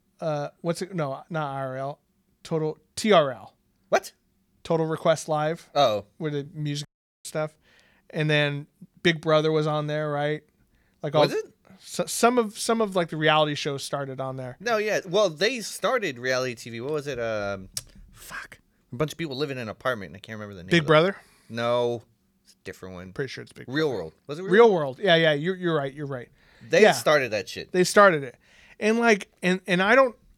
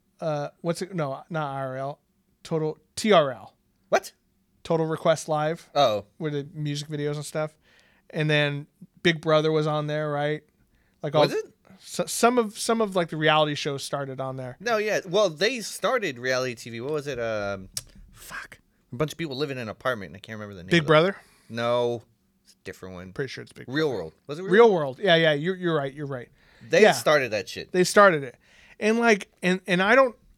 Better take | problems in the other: second | audio cutting out; at 7 s

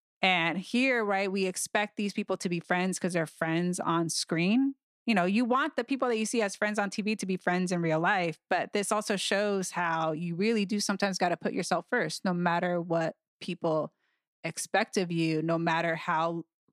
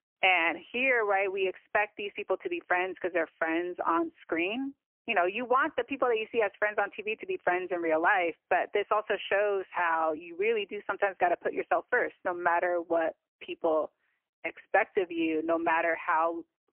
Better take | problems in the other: first | phone-call audio; poor line; nothing above 3 kHz

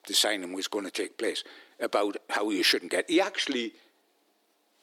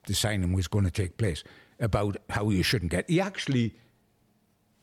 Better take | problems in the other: second | thin; very; fading below 300 Hz

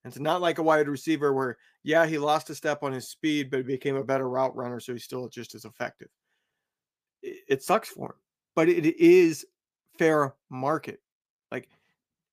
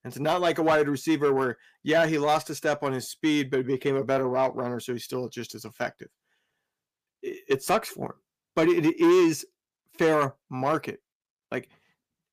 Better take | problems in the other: first | distortion; slight; 10 dB below the speech

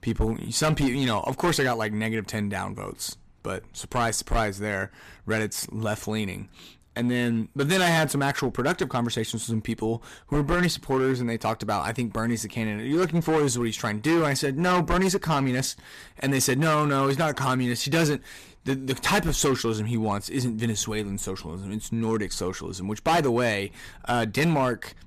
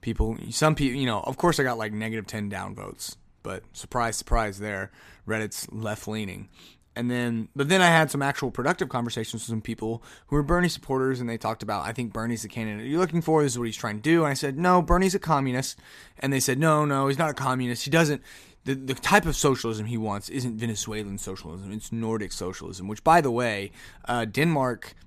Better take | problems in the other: second | distortion; heavy; 8% of the sound clipped

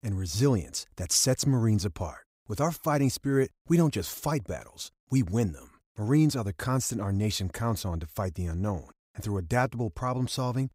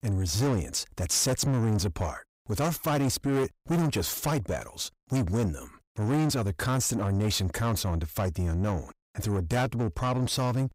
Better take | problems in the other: first | distortion; heavy; 7 dB below the speech

